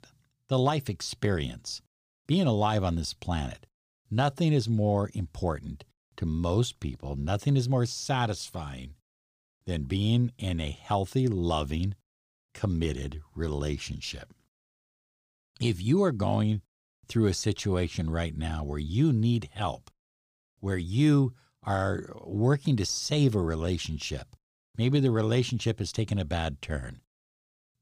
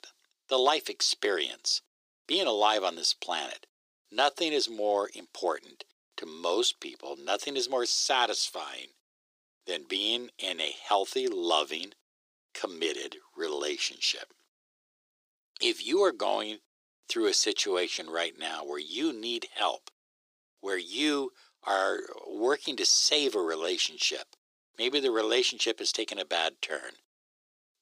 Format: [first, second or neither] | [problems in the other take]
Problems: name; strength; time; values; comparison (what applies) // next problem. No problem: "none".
first | thin; very; fading below 350 Hz